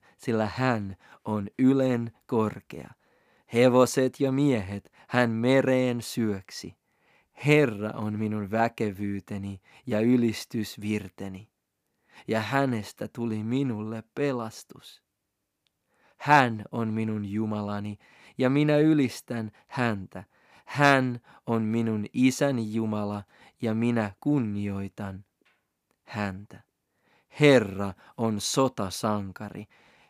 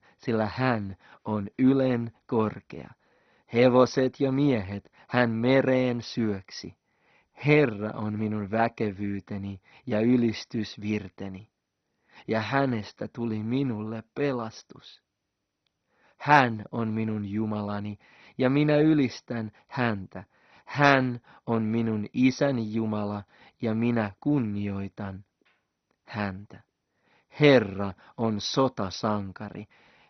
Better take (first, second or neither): first